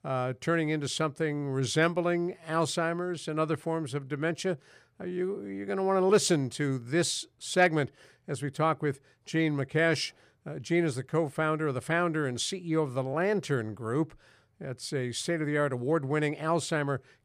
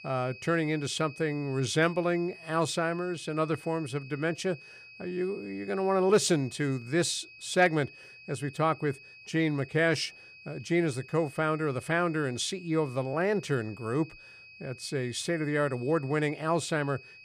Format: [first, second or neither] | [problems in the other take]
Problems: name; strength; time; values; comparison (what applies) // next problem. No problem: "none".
first | high-pitched whine; noticeable; throughout; 2.5 kHz, 20 dB below the speech